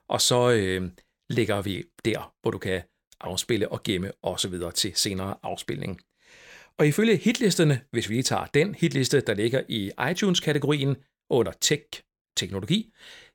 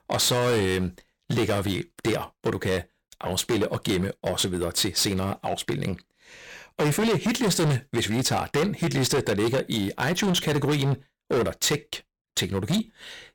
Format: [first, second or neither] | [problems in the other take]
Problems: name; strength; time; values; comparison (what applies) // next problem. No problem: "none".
first | distortion; heavy; 16% of the sound clipped